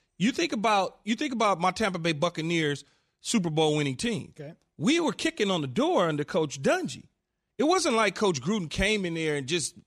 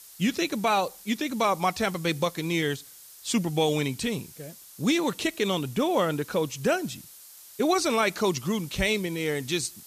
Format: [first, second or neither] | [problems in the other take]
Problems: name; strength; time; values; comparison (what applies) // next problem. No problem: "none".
first | hiss; noticeable; throughout; 20 dB below the speech